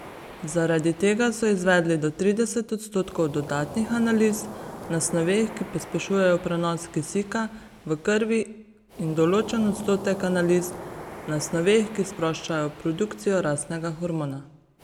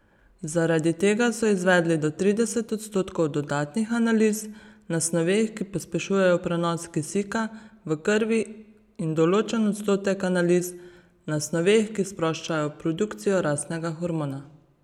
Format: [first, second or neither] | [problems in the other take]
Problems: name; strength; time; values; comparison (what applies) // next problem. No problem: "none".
second | background sound (Waves, surf); 16 dB below the speech